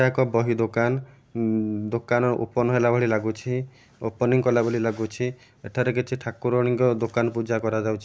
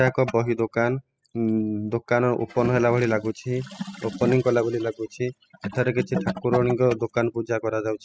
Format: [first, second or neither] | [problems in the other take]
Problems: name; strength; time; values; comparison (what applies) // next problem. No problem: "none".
first | noise reduction (classical method spectral subtraction)